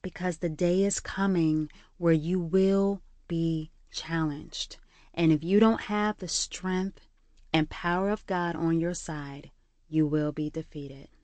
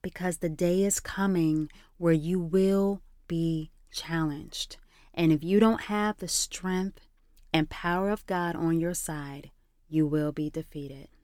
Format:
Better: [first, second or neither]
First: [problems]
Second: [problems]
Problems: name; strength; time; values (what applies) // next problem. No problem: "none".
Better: second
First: garbled, watery; slightly; nothing above 8 kHz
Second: none